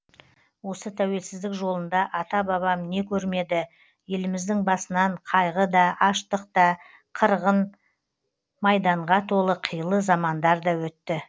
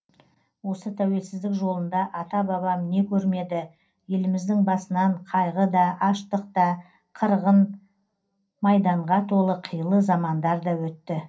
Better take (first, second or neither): first